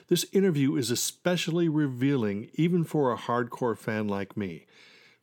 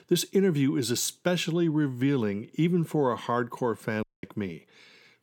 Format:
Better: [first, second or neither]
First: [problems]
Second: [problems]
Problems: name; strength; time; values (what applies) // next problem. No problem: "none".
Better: first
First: none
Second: audio cutting out; at 4 s